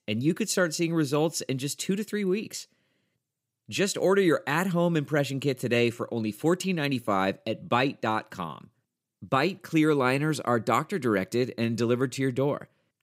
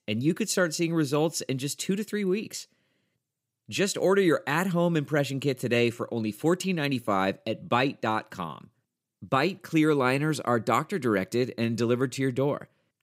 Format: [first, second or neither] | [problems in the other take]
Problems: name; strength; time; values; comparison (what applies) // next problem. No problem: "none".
neither | none